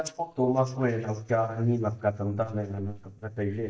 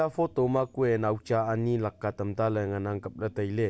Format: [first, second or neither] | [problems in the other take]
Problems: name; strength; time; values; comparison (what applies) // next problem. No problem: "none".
second | noise reduction (neural mask model DeepFilterNet 3)